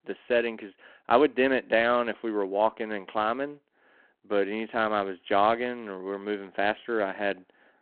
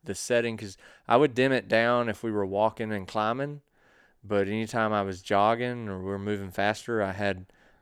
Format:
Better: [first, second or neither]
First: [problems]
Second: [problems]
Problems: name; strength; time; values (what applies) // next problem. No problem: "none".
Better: second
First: phone-call audio; nothing above 3.5 kHz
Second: none